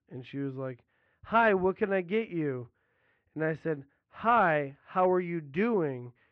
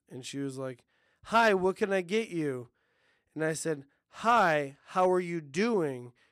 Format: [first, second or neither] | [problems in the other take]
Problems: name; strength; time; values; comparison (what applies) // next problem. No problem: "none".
second | muffled; very; fading above 2.5 kHz